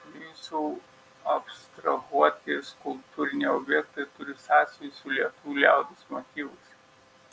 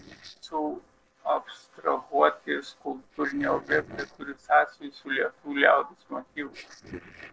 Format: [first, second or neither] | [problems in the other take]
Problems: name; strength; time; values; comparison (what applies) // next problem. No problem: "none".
first | noise reduction (neural separator model SepFormer DNS4)